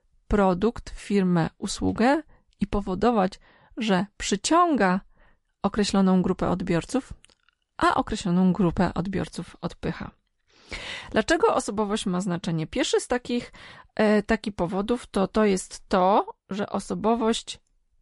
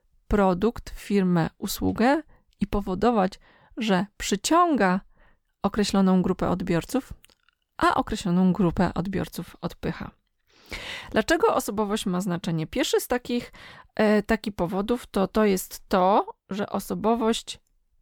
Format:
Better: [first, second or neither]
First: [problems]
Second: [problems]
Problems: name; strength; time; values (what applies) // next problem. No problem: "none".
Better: second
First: garbled, watery; slightly; nothing above 11 kHz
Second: none